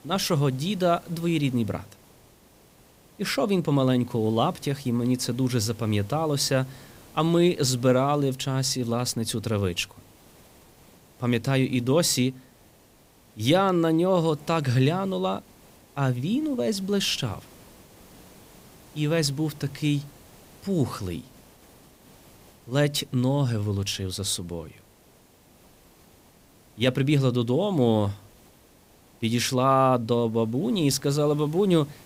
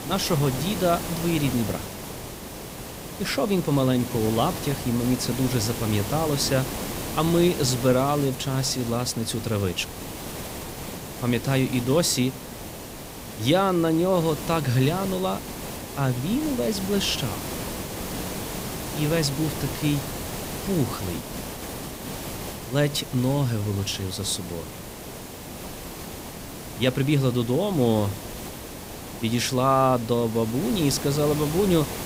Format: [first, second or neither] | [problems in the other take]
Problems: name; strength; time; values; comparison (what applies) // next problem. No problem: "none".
first | hiss; loud; throughout; 9 dB below the speech; faint in the first